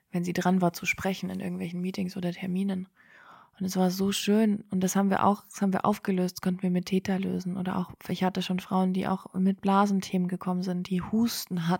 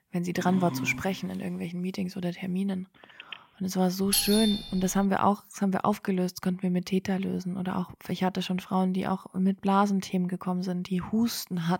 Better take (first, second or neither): first